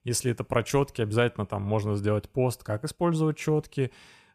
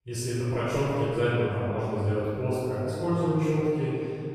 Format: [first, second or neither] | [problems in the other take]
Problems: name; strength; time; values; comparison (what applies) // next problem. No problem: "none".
first | room echo; strong; dies away in 2.5 s // off-mic speech; far